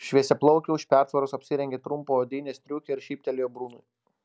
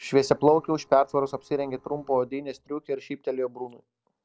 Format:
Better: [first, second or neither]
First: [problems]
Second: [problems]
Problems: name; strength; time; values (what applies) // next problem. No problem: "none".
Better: first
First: none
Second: noise reduction (neural separator model SepFormer DNS4)